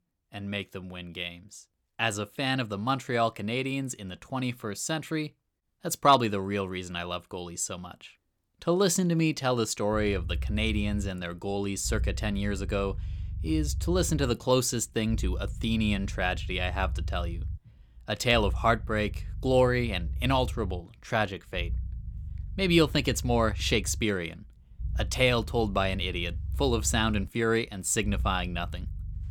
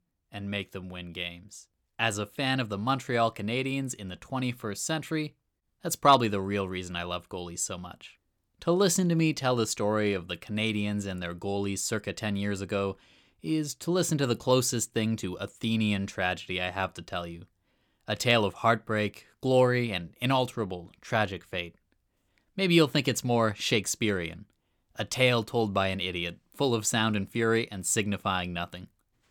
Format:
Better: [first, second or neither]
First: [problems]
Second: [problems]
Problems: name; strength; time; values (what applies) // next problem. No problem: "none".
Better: second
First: low rumble; faint; from 10 s on; 25 dB below the speech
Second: none